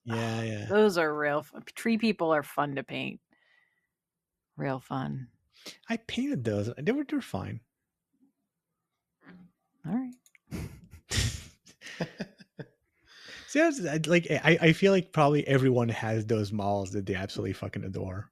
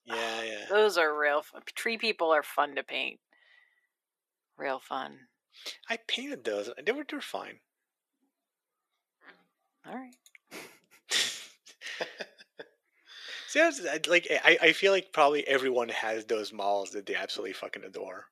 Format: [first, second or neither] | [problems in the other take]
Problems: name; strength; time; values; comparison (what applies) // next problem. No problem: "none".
first | thin; very; fading below 400 Hz